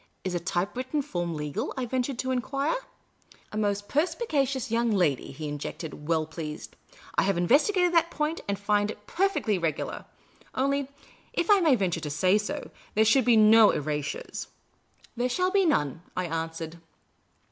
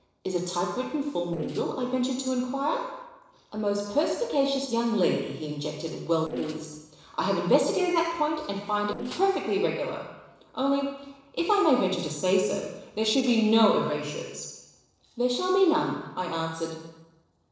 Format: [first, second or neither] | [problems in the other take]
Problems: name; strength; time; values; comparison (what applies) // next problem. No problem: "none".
first | noise reduction (neural separator model SepFormer DNS4)